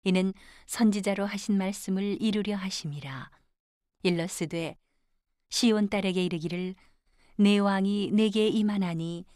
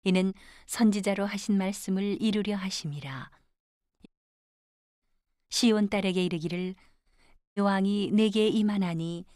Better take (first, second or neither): first